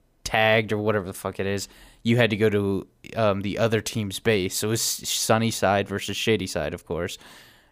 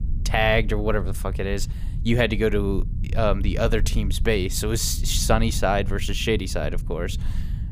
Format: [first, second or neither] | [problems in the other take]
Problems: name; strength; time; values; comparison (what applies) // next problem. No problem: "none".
first | low rumble; noticeable; throughout; 20 dB below the speech